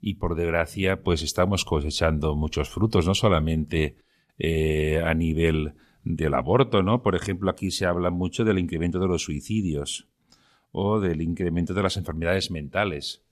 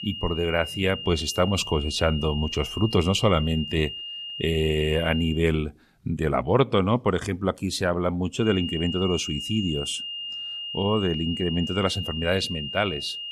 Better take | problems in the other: first | high-pitched whine; loud; until 5.5 s and from 8.5 s on; 3 kHz, 7 dB below the speech

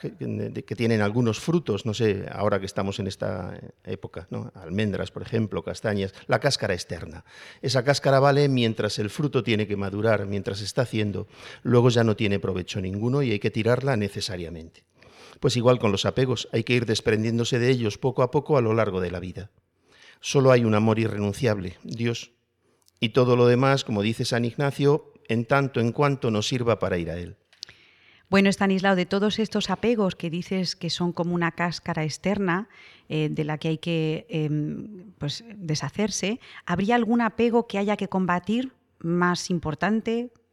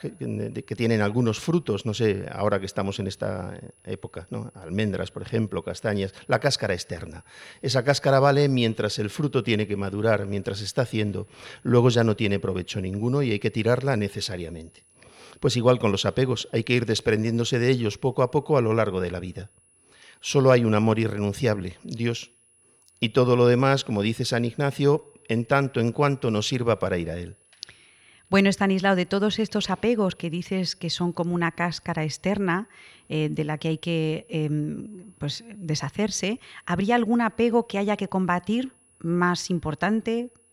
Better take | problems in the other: first | high-pitched whine; faint; throughout; 10.5 kHz, 35 dB below the speech

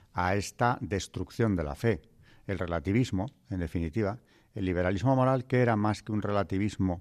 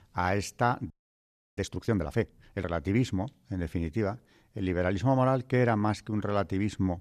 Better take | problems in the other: first | audio freezing; at 1 s for 0.5 s

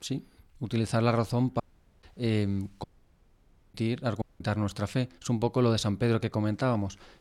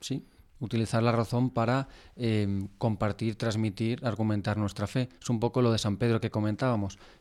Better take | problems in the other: second | audio cutting out; at 1.5 s, at 3 s for 1 s and at 4 s

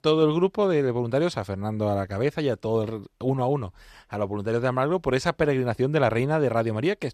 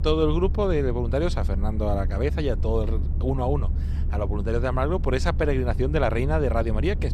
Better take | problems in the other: first | low rumble; noticeable; throughout; 15 dB below the speech

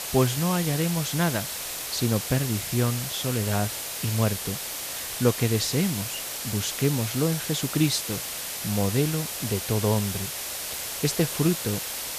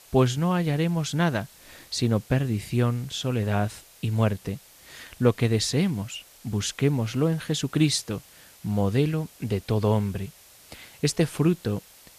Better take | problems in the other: second | hiss; loud; throughout; 3 dB below the speech; faint in the second

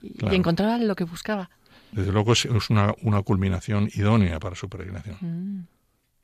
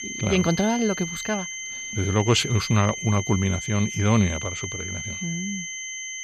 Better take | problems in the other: first | high-pitched whine; loud; throughout; 2 kHz, 7 dB below the speech

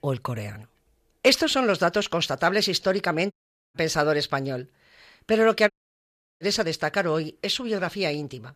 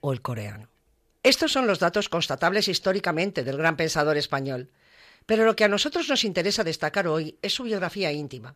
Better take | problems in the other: second | audio cutting out; at 3.5 s and at 5.5 s for 0.5 s

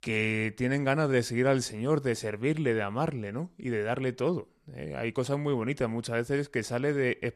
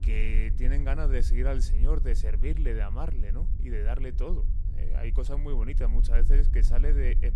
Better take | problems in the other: first | low rumble; noticeable; throughout; 10 dB below the speech

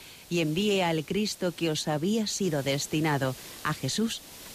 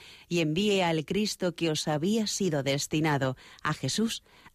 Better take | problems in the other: second | hiss; noticeable; throughout; 15 dB below the speech

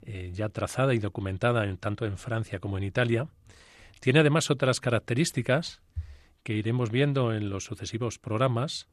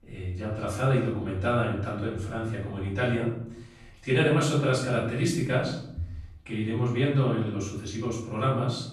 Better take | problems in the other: first | off-mic speech; far // room echo; noticeable; dies away in 0.6 s

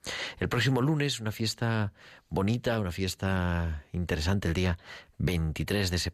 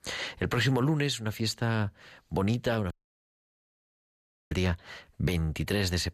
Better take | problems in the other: first | audio cutting out; at 3 s for 1.5 s

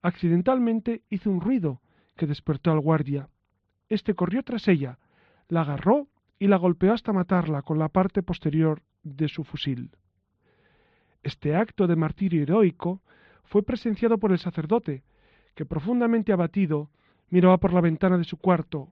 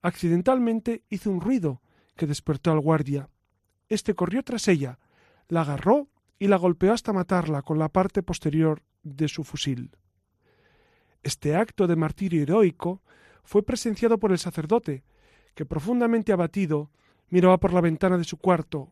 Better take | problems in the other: second | muffled; slightly; fading above 4 kHz

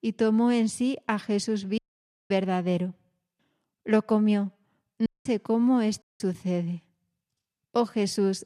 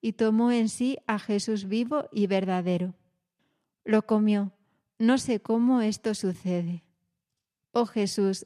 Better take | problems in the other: second | audio cutting out; at 2 s for 0.5 s, at 5 s and at 6 s

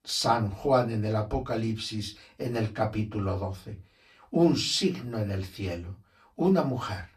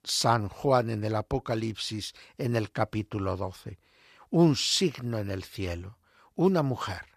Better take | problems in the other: second | off-mic speech; far // room echo; very slight; dies away in 0.2 s

